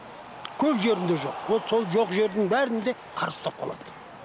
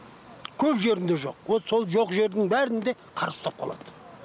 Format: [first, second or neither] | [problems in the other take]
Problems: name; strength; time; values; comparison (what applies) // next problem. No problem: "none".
second | background sound (Cheering); 13 dB below the speech